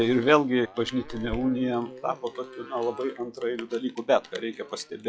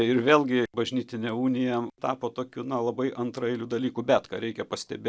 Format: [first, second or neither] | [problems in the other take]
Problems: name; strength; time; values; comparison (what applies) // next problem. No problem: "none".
second | noise reduction (classical method log-MMSE)